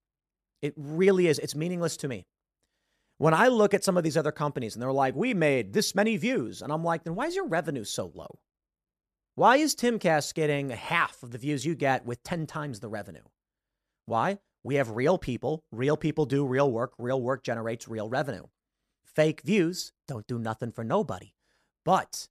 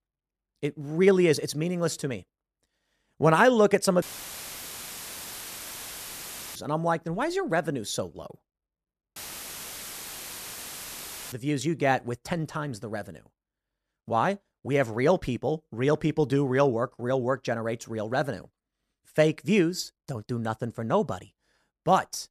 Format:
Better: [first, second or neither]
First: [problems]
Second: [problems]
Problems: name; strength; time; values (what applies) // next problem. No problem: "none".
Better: first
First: none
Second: audio cutting out; filled with static; at 4 s for 2.5 s and at 9 s for 2 s